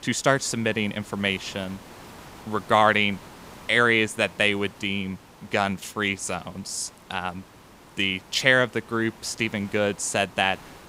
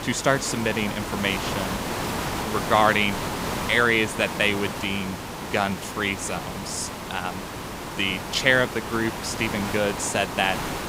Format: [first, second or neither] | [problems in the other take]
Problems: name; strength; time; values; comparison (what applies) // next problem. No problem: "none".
first | hiss; loud; throughout; 6 dB below the speech; faint in the first